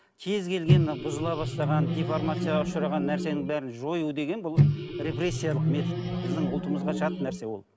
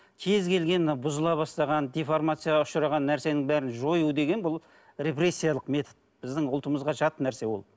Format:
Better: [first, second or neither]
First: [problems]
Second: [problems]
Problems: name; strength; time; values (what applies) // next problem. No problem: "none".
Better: second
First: background sound (Microwave oven); 4 dB above the speech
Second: none